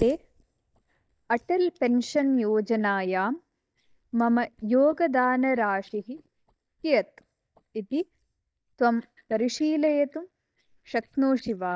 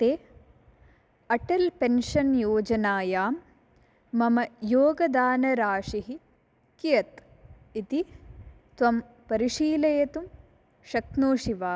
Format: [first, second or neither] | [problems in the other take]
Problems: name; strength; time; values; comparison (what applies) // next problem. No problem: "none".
second | noise reduction (neural mask model DeepFilterNet 3)